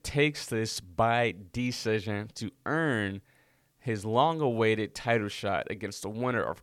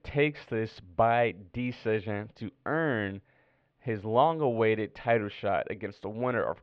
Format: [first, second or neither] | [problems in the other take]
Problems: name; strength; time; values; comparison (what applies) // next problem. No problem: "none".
first | muffled; very; fading above 3 kHz